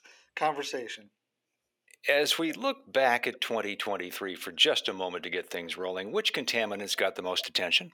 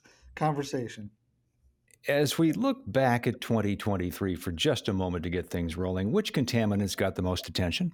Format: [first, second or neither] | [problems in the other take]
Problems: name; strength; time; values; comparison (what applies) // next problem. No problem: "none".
second | thin; very; fading below 500 Hz